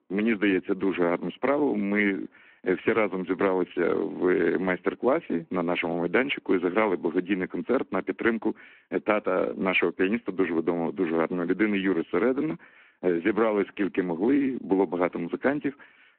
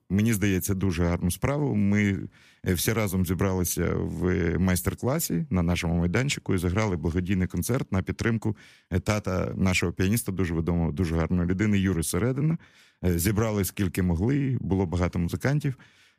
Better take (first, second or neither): second